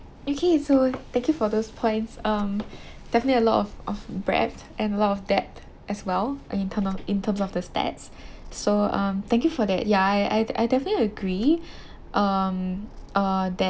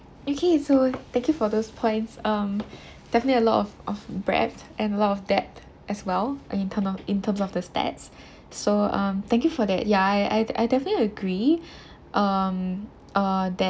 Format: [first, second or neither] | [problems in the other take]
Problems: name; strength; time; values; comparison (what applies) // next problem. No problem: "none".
second | background sound (Purr); 18 dB below the speech